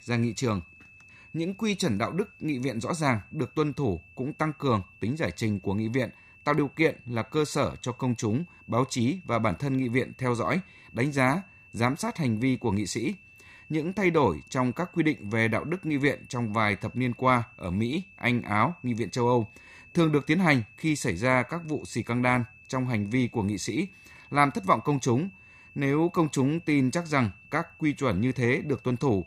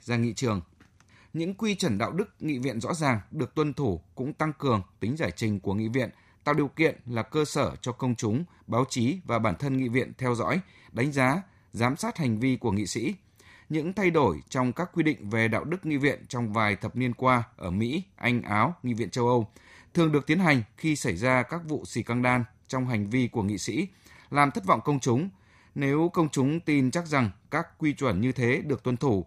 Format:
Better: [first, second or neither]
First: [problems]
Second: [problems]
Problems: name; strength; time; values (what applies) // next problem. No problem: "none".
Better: second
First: high-pitched whine; faint; throughout; 2.5 kHz, 25 dB below the speech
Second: none